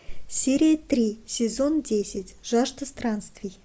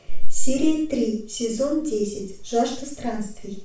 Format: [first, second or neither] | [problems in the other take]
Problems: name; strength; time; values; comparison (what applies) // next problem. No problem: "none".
first | room echo; dies away in 0.4 s